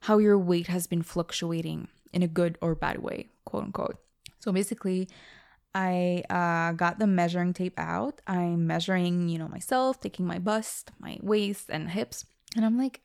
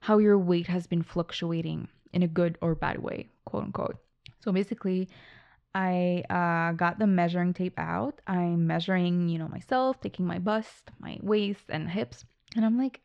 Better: first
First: none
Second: muffled; slightly; fading above 4 kHz

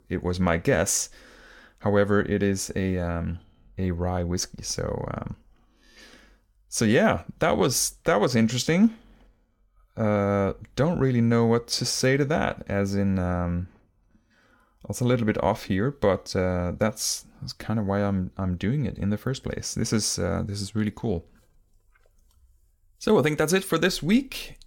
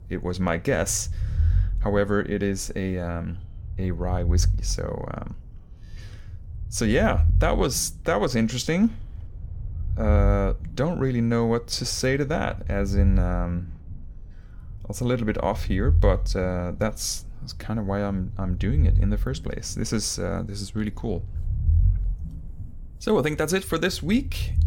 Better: first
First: none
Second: low rumble; noticeable; throughout; 20 dB below the speech

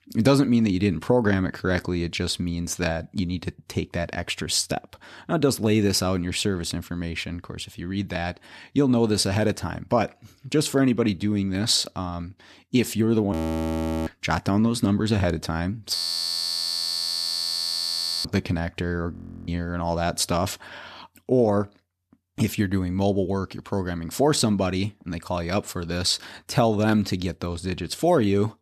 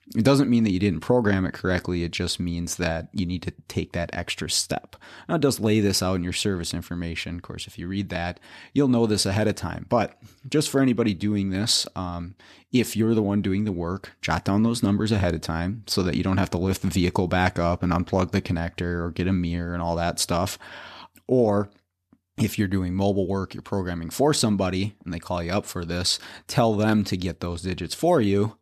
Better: second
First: audio freezing; at 13 s for 0.5 s, at 16 s for 2.5 s and at 19 s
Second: none

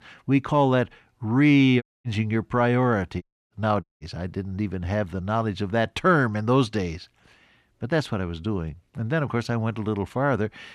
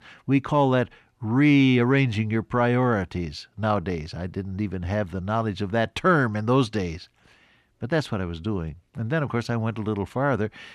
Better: second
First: audio cutting out; at 2 s, at 3 s and at 4 s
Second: none

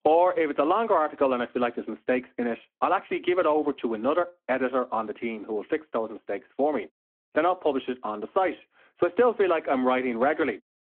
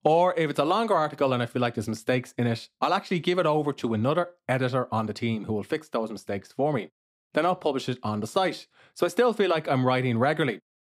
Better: second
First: phone-call audio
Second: none

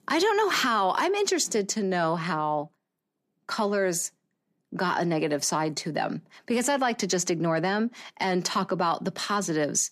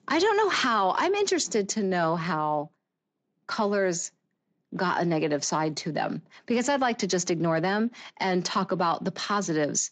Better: first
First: none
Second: garbled, watery; slightly; nothing above 7.5 kHz

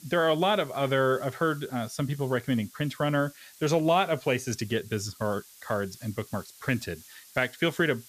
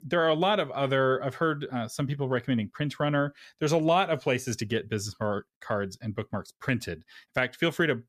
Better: second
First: hiss; faint; throughout; 20 dB below the speech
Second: none

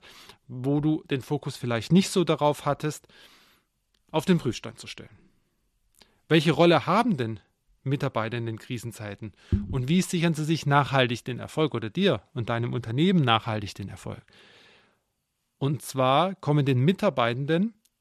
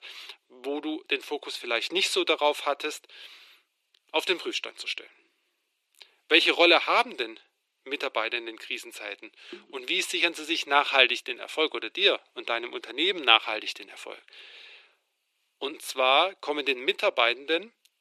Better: first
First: none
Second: thin; very; fading below 350 Hz

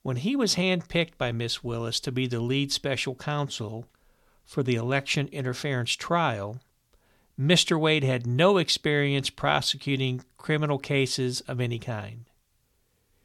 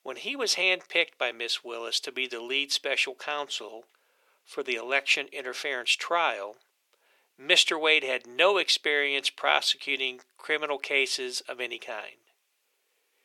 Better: first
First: none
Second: thin; very; fading below 400 Hz

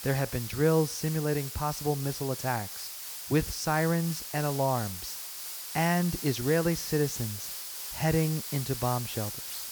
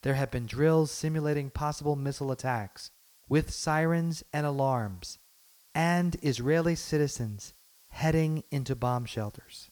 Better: second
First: hiss; loud; throughout; 7 dB below the speech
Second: hiss; faint; throughout; 30 dB below the speech

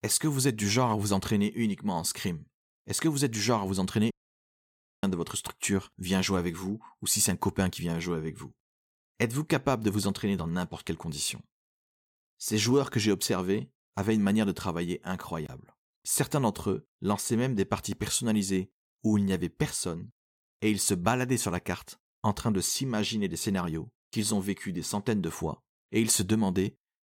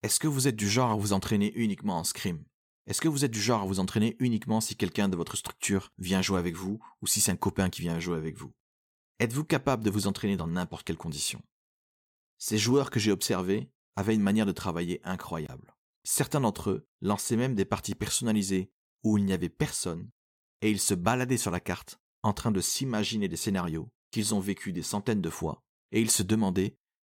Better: second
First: audio cutting out; at 4 s for 1 s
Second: none

